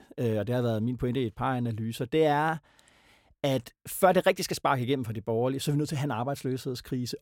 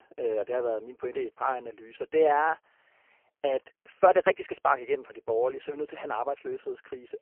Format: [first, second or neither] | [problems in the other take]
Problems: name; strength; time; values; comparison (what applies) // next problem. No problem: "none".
first | phone-call audio; poor line; nothing above 3 kHz